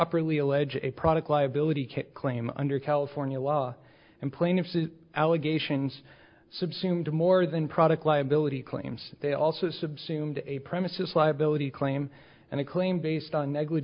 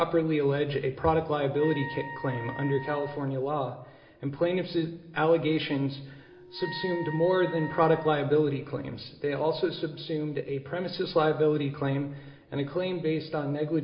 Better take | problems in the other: first | background sound (Wind instrument, woodwind instrument); 14 dB below the speech // room echo; dies away in 1.2 s

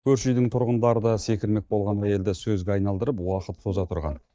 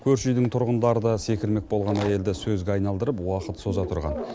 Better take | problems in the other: second | noise reduction (neural mask model DeepFilterNet 3)

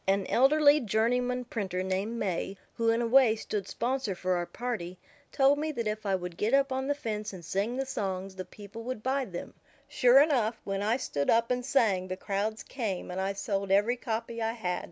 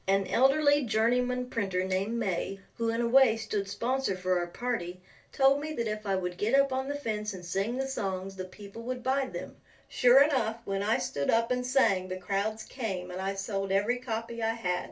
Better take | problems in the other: first | room echo; dies away in 0.2 s

